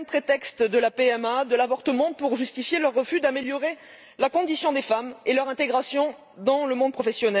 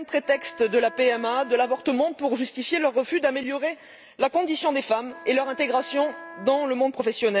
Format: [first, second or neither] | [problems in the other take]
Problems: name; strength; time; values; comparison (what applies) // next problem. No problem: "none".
first | background sound (Wind instrument, woodwind instrument); 18 dB below the speech